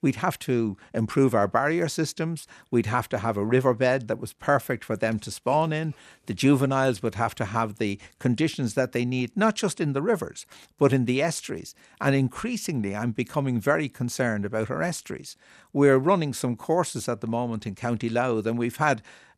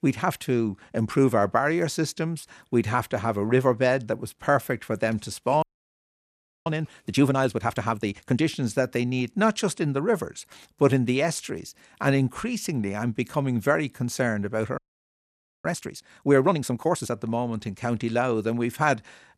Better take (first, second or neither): first